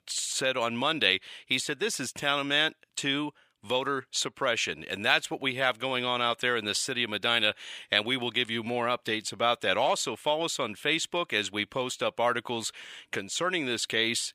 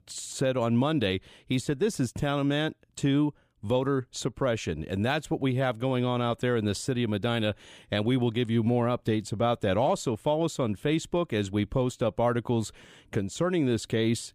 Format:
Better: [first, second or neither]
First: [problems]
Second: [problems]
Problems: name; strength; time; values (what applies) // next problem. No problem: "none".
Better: second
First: thin; somewhat; fading below 1 kHz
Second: none